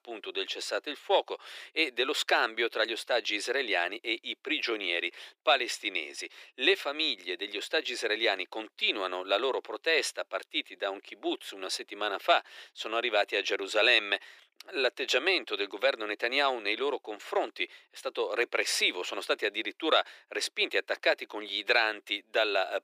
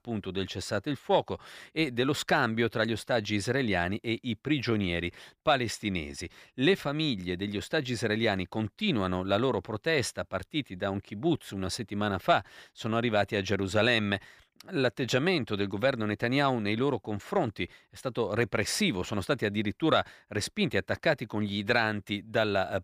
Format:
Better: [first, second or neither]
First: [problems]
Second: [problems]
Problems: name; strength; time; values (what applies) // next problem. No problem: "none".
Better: second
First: thin; very; fading below 350 Hz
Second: none